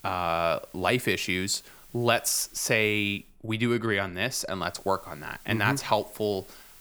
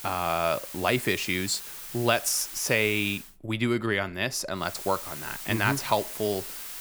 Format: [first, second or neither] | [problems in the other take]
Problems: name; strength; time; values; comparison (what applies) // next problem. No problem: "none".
first | hiss; loud; until 3 s and from 4.5 s on; 9 dB below the speech; faint in the first